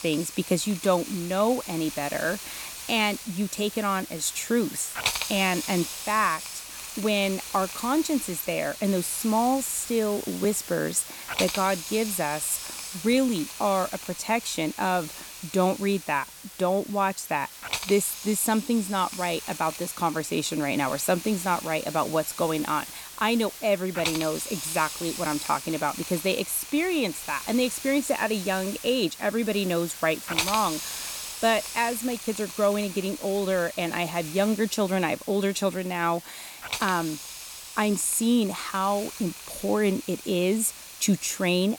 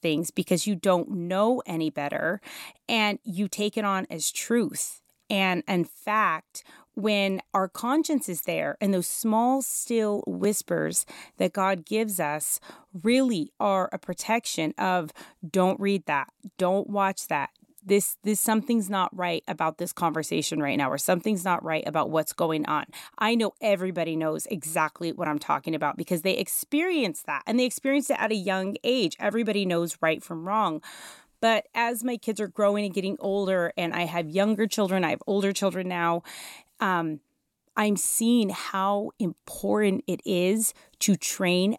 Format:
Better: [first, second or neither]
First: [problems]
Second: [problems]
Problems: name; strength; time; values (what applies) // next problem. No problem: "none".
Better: second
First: hiss; loud; throughout; 9 dB below the speech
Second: none